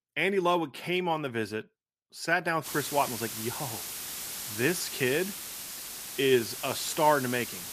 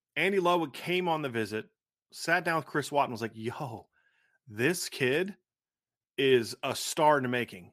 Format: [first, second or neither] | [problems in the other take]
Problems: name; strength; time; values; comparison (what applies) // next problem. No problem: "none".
second | hiss; loud; from 2.5 s on; 7 dB below the speech